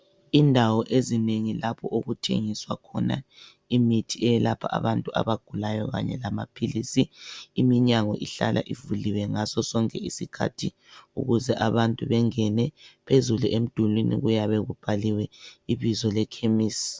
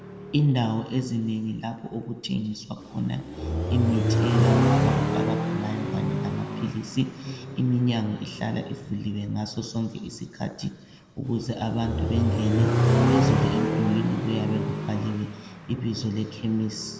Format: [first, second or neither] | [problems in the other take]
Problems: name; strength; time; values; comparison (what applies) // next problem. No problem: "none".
first | background sound (Accelerating, revving, vroom); 1 dB above the speech // room echo; dies away in 1.6 s